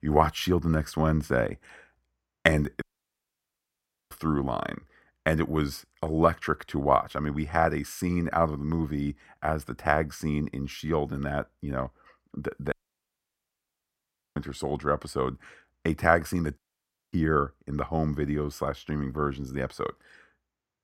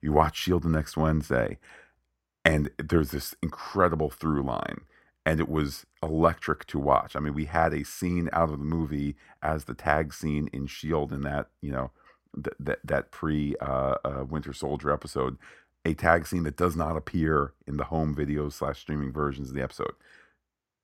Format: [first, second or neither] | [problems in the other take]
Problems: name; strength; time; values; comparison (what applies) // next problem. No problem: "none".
second | audio cutting out; at 3 s for 1.5 s, at 13 s for 1.5 s and at 17 s for 0.5 s